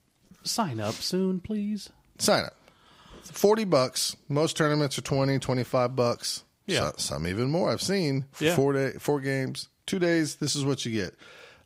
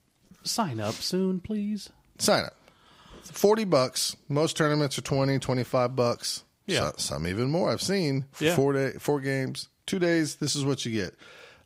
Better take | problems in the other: neither | none

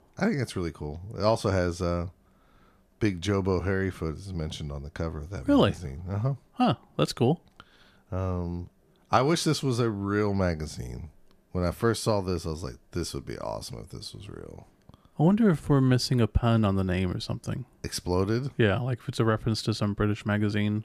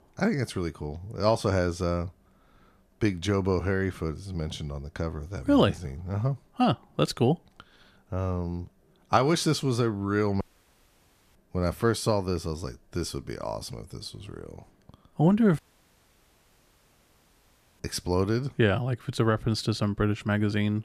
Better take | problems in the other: first | audio cutting out; at 10 s for 1 s and at 16 s for 2 s

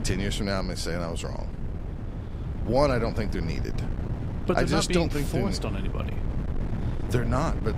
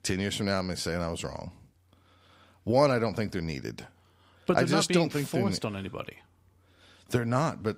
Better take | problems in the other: second | wind noise on the microphone; occasional gusts; 15 dB below the speech

